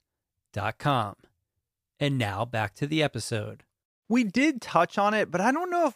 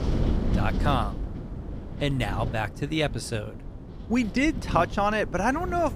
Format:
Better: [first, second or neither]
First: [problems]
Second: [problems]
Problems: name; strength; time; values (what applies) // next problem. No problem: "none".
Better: first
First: none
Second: wind noise on the microphone; occasional gusts; 15 dB below the speech